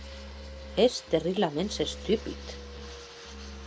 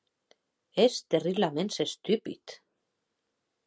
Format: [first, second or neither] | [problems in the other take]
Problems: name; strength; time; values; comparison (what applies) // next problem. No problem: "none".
second | background sound (Musical instrument + Fixed-wing aircraft, airplane); 11 dB below the speech